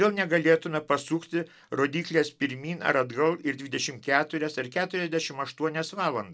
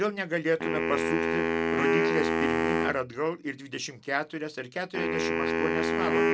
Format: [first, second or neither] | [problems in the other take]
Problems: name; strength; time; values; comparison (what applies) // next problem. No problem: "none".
first | background sound (Wind instrument, woodwind instrument); 4 dB above the speech